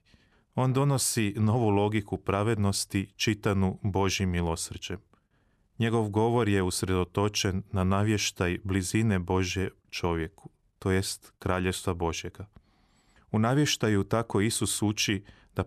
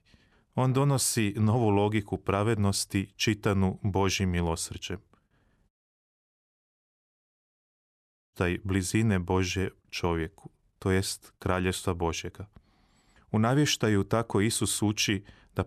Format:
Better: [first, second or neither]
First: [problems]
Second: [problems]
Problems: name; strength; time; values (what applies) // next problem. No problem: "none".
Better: first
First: none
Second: audio cutting out; at 5.5 s for 2.5 s